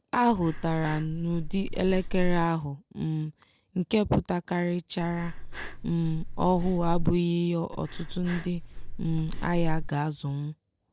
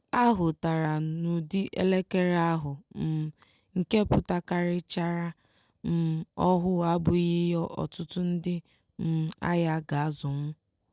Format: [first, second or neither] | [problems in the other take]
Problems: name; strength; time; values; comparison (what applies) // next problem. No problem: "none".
second | background sound (Breathing); 2 dB below the speech